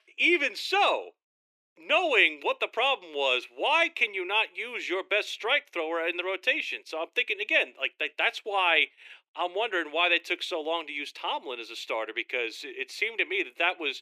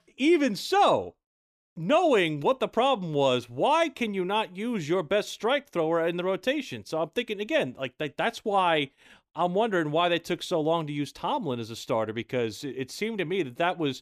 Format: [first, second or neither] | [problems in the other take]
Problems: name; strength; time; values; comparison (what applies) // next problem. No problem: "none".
second | thin; very; fading below 350 Hz